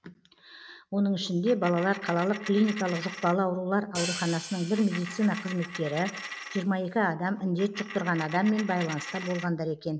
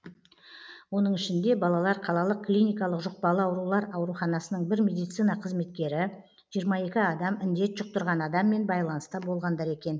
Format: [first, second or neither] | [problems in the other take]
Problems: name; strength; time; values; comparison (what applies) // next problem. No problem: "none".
second | background sound (Hi-hat + Coin (dropping)); 11 dB below the speech